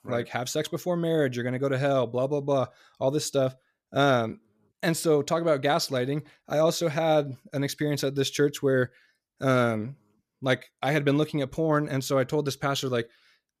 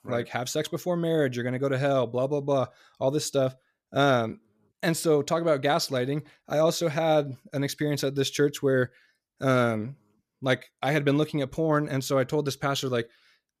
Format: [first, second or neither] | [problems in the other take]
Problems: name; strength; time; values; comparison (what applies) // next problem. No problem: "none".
neither | none